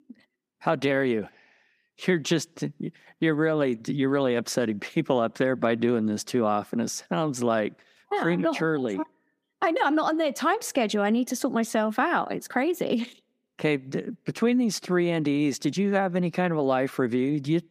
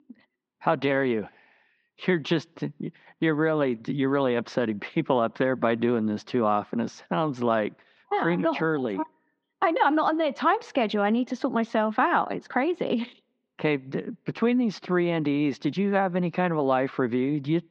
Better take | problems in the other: first | muffled; slightly; fading above 4 kHz

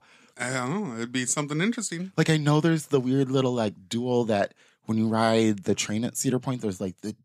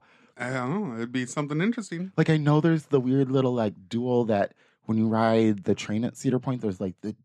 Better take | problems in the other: first | muffled; slightly; fading above 1.5 kHz

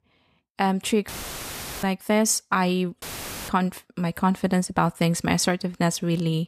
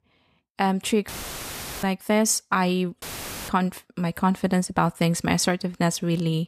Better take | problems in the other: neither | audio cutting out; filled with static; at 1 s for 1 s and at 3 s; the same in both

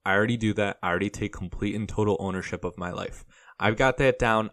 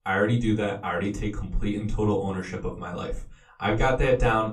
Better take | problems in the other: first | off-mic speech; far // room echo; very slight; dies away in 0.3 s

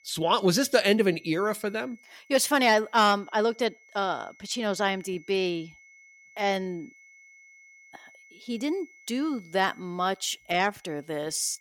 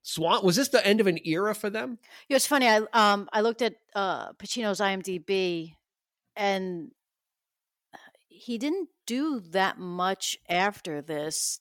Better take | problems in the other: second | high-pitched whine; faint; throughout; 2 kHz, 25 dB below the speech

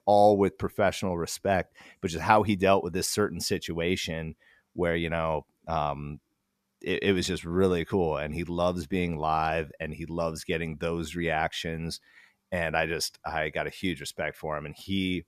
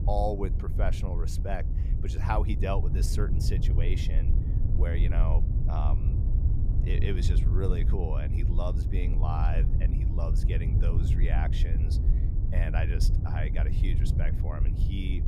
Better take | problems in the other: first | wind noise on the microphone; heavy; 6 dB below the speech

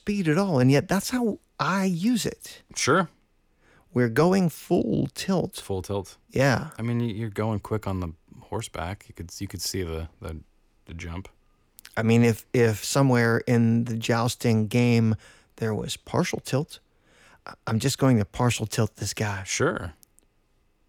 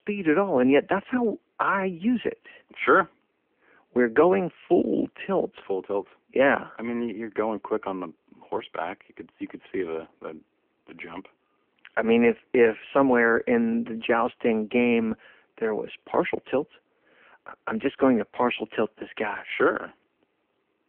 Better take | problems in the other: first | phone-call audio

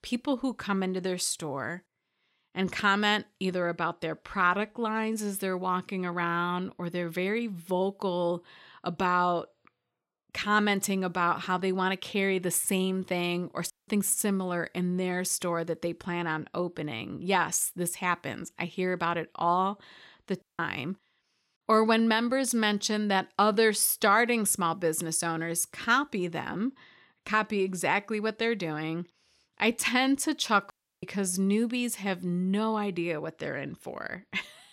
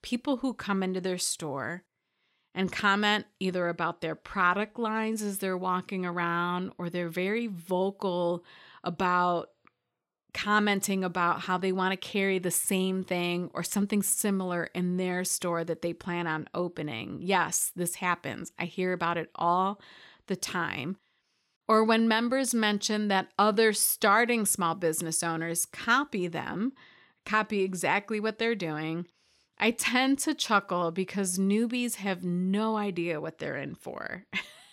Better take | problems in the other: second | audio cutting out; at 14 s, at 20 s and at 31 s

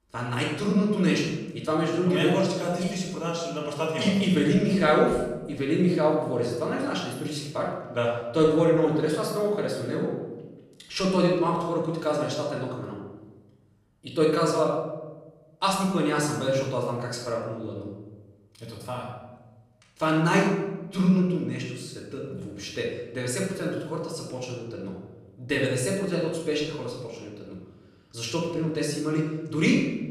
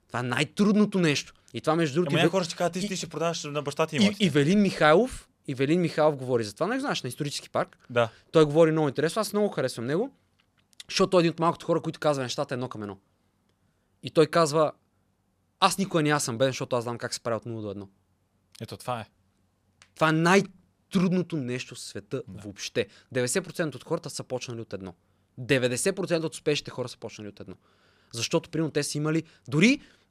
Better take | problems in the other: second | off-mic speech; far // room echo; noticeable; dies away in 1 s

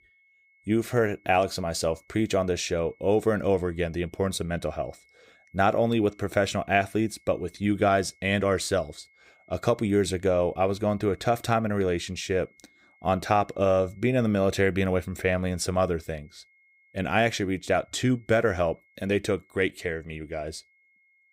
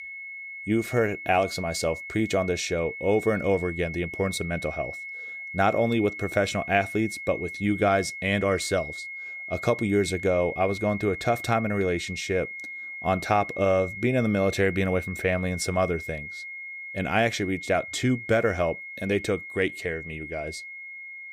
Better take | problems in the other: first | high-pitched whine; loud; throughout; 2 kHz, 9 dB below the speech; faint in the first

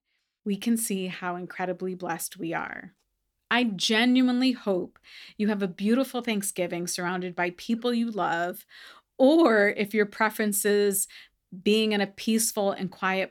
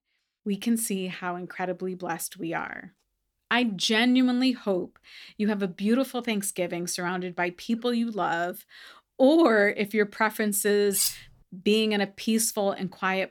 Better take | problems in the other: first | clattering dishes; noticeable; at 11 s; peak 2 dB below the speech

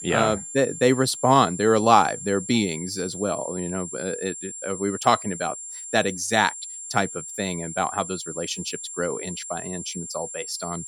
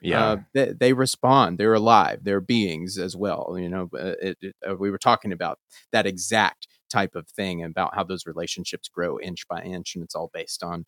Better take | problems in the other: second | high-pitched whine; loud; throughout; 7.5 kHz, 9 dB below the speech

